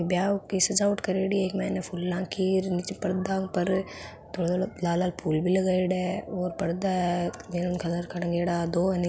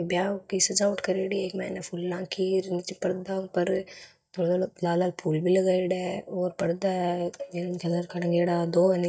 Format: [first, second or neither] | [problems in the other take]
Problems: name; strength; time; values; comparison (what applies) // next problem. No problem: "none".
first | noise reduction (neural mask model DeepFilterNet 3)